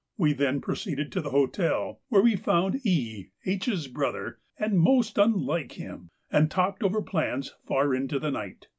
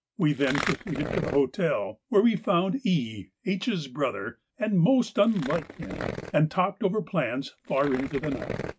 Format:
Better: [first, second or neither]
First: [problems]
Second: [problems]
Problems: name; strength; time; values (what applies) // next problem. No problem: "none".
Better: first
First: none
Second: noise reduction (neural mask model RNNoise)